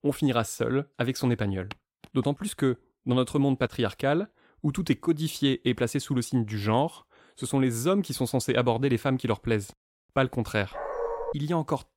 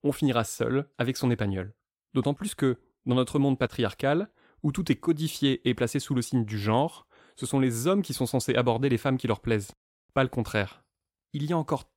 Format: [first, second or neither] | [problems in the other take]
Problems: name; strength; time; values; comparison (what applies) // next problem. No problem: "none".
second | footsteps; very faint; at 1.5 s; peak 20 dB below the speech // dog barking; noticeable; at 11 s; peak 4 dB below the speech